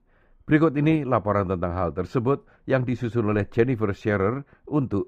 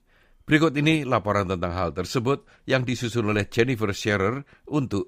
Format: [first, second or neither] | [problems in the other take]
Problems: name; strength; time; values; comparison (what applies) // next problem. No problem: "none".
second | muffled; very; fading above 2.5 kHz